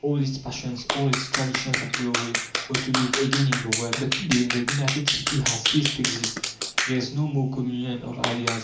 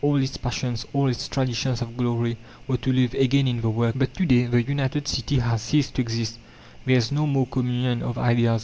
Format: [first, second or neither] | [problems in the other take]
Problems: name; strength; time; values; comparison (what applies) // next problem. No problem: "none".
second | background sound (Clapping); 2 dB below the speech // room echo; dies away in 0.4 s